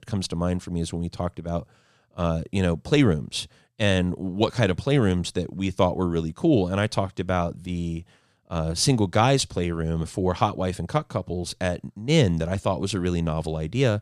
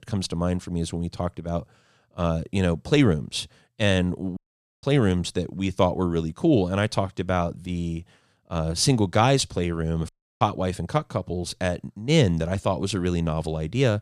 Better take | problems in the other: first | audio cutting out; at 4.5 s and at 10 s

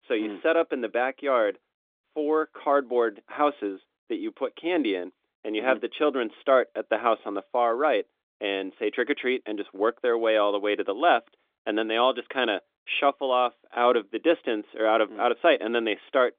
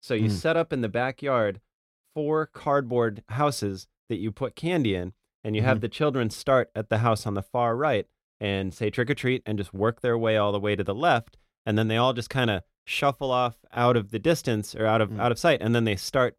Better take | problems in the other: second | phone-call audio; nothing above 3.5 kHz

